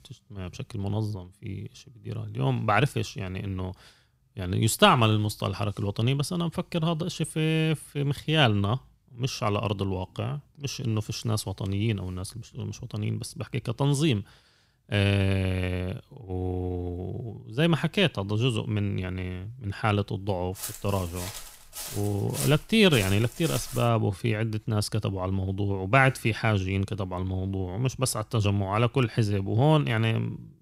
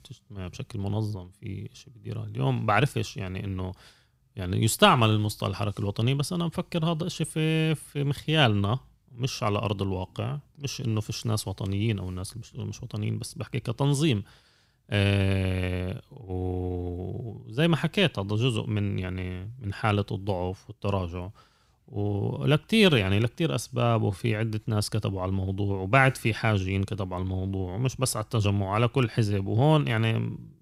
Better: second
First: footsteps; noticeable; from 21 to 24 s; peak 6 dB below the speech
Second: none

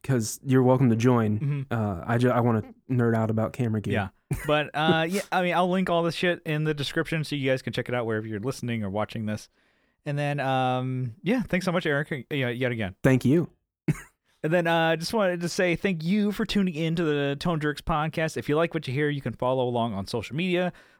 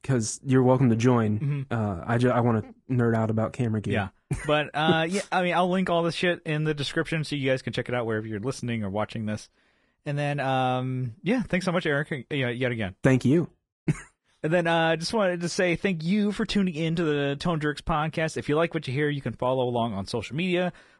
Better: first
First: none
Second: garbled, watery; slightly; nothing above 10 kHz

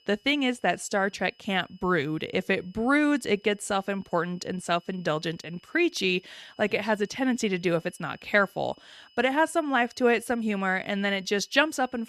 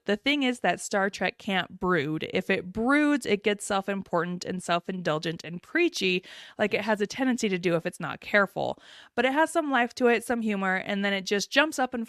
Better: second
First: high-pitched whine; faint; throughout; 3 kHz, 30 dB below the speech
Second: none

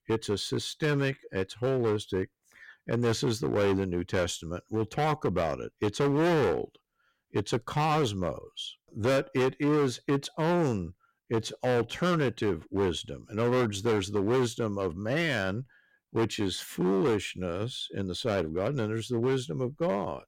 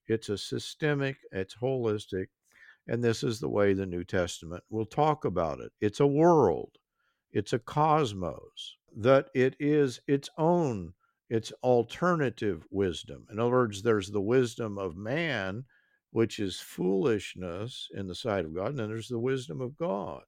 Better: second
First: distortion; heavy; 13% of the sound clipped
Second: none

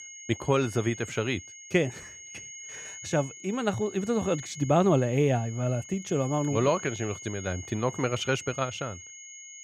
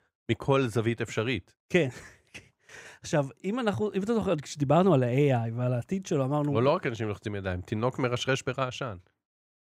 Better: second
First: high-pitched whine; noticeable; throughout; 6.5 kHz, 15 dB below the speech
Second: none

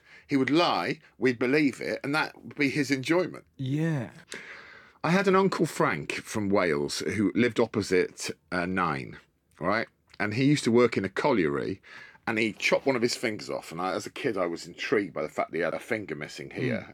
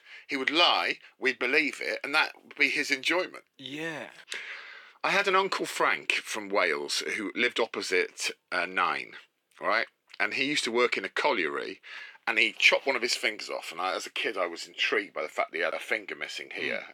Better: first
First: none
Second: thin; somewhat; fading below 500 Hz

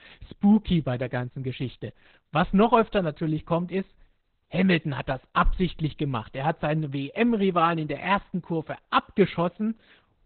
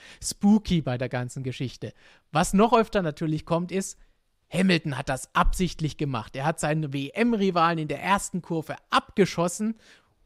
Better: second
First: garbled, watery; badly; nothing above 4 kHz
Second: none

